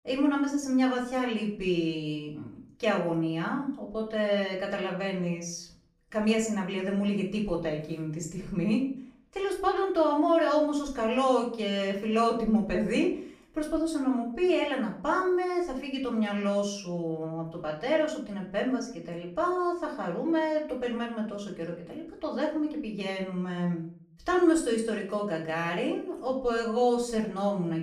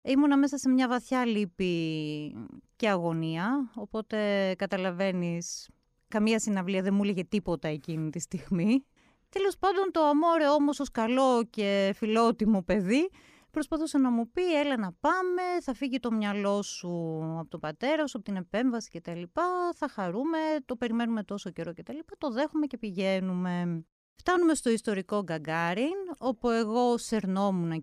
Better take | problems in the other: second | off-mic speech; far // room echo; slight; dies away in 0.4 s

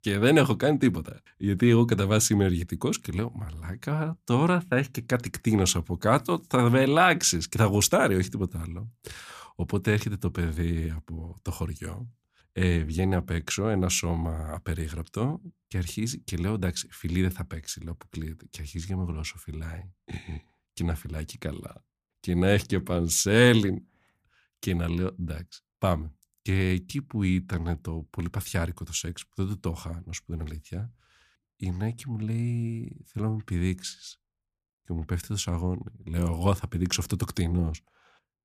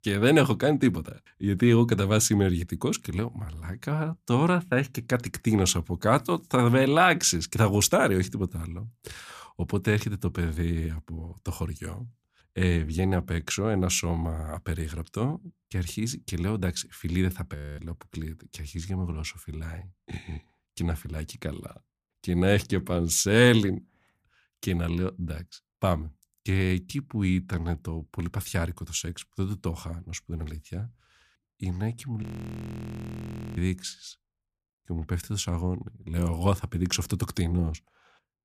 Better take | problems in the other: first | audio freezing; at 18 s and at 32 s for 1.5 s

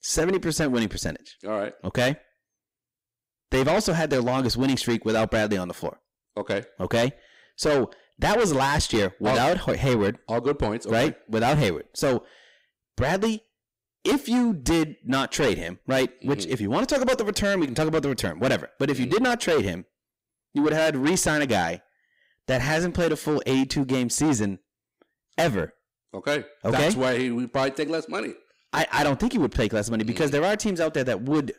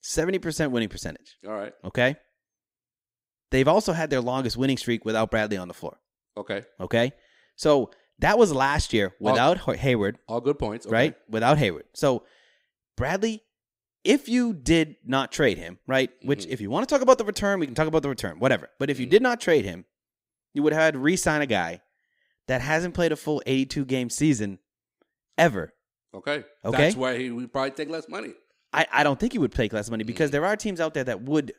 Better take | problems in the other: second | distortion; heavy; 6 dB below the speech

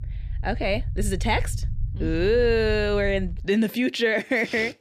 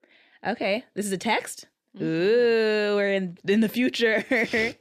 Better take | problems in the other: second | low rumble; faint; until 3.5 s; 25 dB below the speech

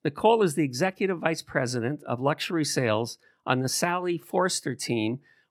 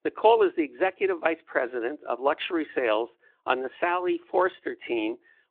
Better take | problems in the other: first | phone-call audio; nothing above 3.5 kHz

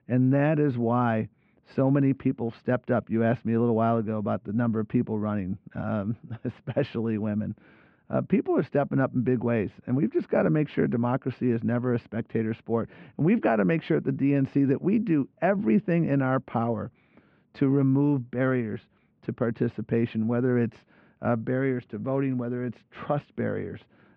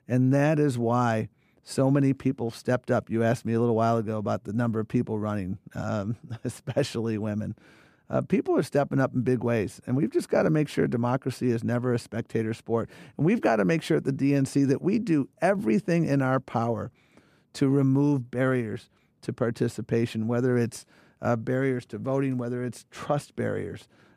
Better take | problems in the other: second | muffled; very; fading above 3 kHz

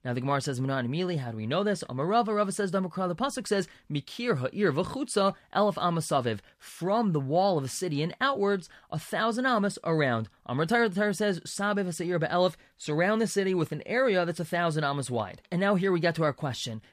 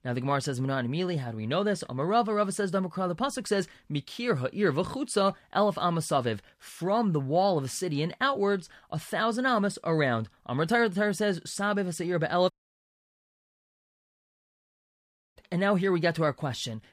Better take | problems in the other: first | audio cutting out; at 13 s for 3 s

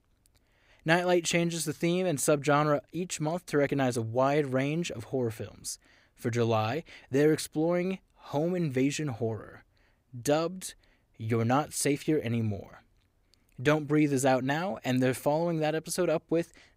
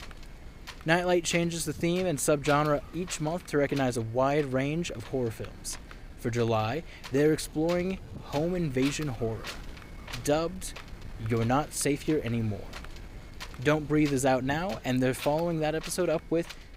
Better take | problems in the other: first | wind noise on the microphone; occasional gusts; 15 dB below the speech

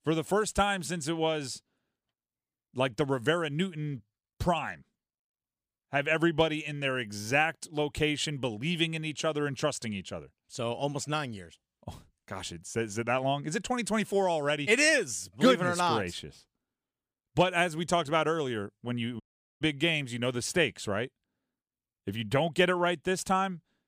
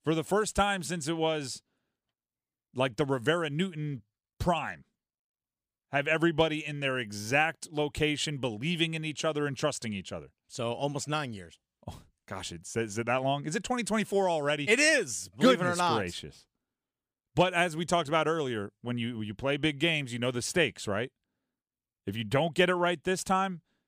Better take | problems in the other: second | audio cutting out; at 19 s

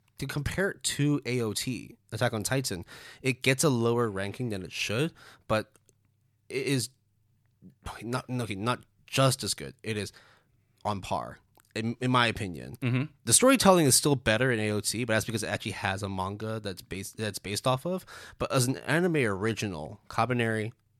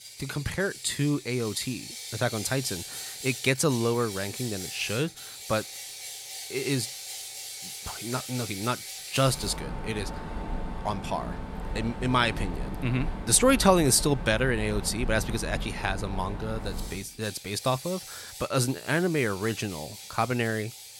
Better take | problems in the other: first | machinery noise; loud; throughout; 9 dB below the speech

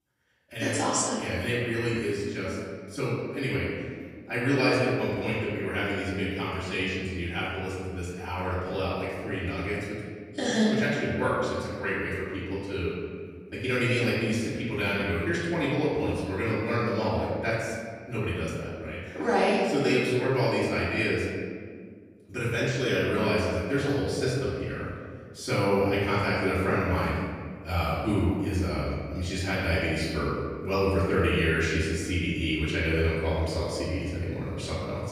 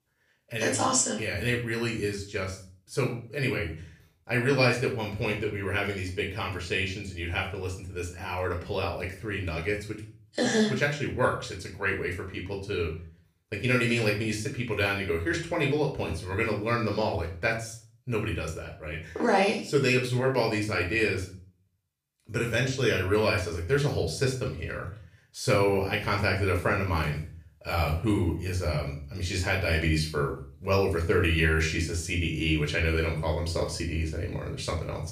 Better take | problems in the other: second | room echo; strong; dies away in 1.8 s; slight in the second // off-mic speech; far; far in the second

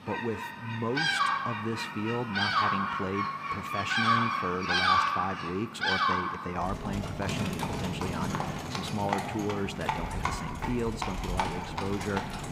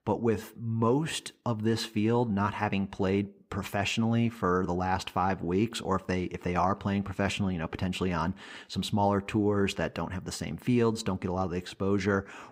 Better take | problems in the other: second | animal sounds; very loud; throughout; 4 dB above the speech

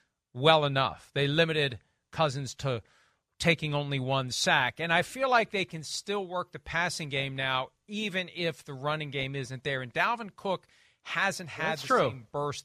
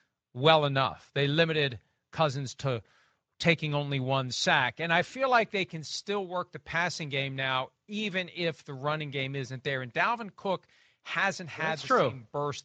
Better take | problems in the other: first | garbled, watery; slightly; nothing above 7.5 kHz

